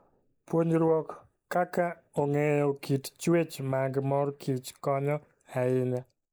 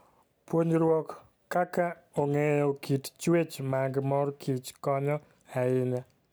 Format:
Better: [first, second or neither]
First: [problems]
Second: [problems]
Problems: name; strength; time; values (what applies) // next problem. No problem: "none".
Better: second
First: noise reduction (neural mask model Resemble Enhance denoiser)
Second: none